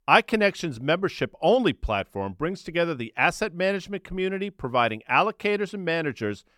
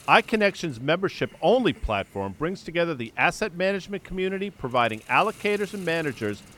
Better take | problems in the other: first | hiss; faint; throughout; 25 dB below the speech

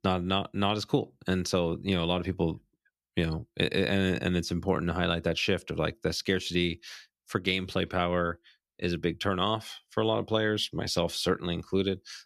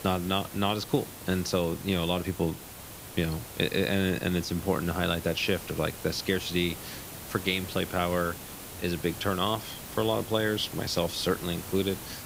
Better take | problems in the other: first | hiss; noticeable; throughout; 10 dB below the speech

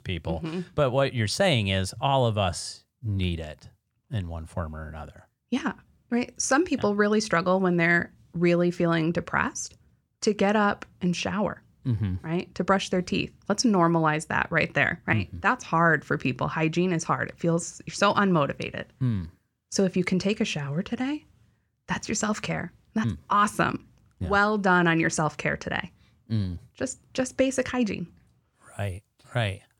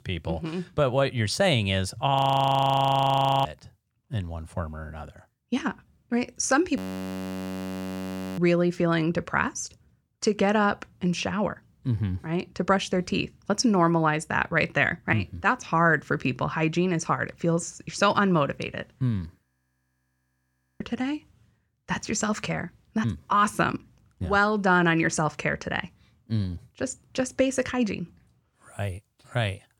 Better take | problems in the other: first | audio freezing; at 2 s for 1.5 s, at 7 s for 1.5 s and at 19 s for 1.5 s

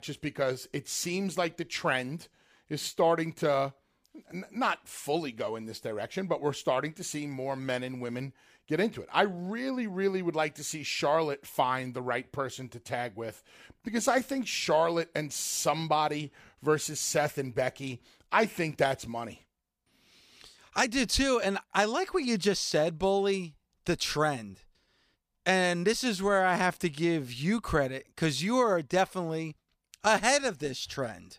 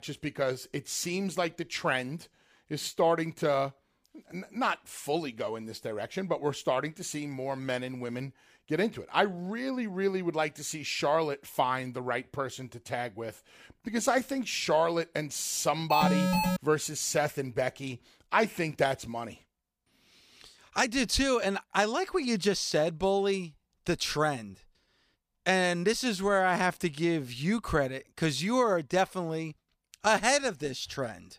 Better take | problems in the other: first | alarm; loud; at 16 s; peak 4 dB above the speech

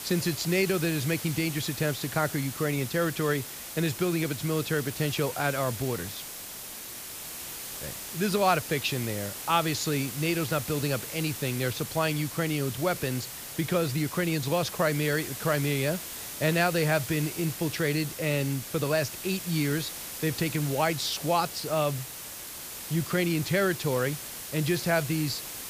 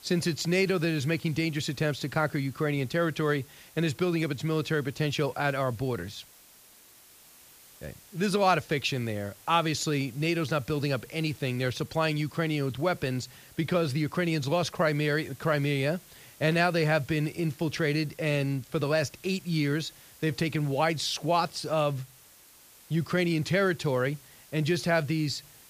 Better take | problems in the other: second | hiss; loud; throughout; 8 dB below the speech; faint in the second

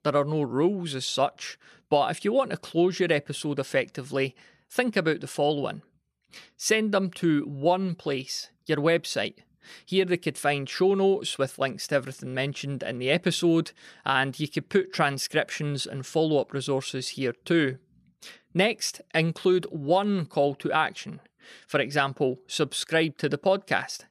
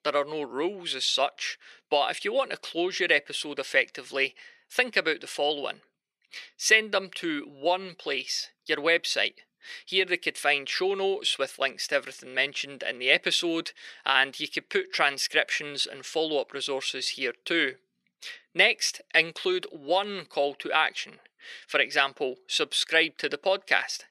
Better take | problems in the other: first | thin; somewhat; fading below 450 Hz

